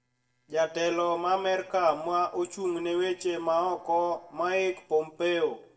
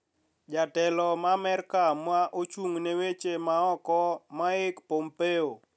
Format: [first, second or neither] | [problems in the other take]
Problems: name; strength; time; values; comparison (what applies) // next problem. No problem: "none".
second | noise reduction (neural separator model SepFormer DNS4)